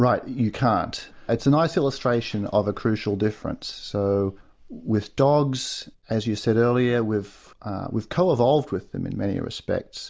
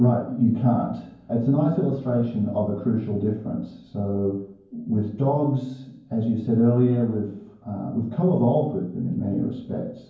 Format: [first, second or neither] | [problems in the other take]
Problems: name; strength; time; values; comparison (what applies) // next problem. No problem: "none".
first | room echo; dies away in 0.9 s